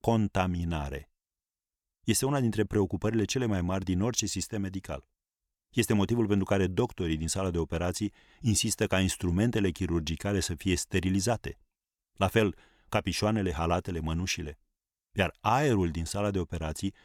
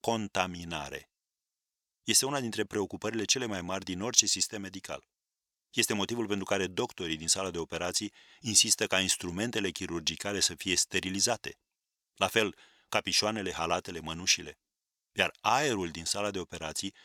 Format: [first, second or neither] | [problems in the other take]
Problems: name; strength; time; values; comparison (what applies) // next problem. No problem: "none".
first | thin; somewhat; fading below 950 Hz